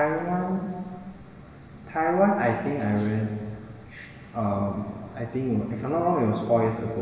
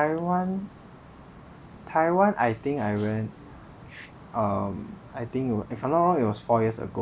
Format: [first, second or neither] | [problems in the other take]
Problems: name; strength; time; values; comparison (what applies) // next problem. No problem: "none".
second | room echo; dies away in 1.6 s